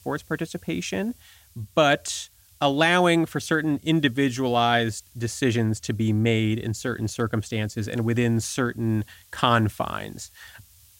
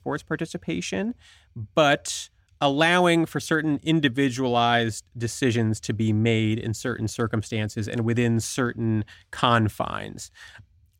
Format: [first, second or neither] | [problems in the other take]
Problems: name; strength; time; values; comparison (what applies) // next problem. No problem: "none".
second | hiss; faint; throughout; 30 dB below the speech